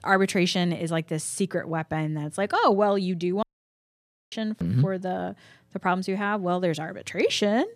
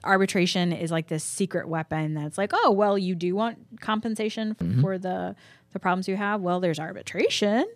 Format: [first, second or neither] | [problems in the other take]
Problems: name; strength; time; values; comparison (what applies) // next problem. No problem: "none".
second | audio cutting out; at 3.5 s for 1 s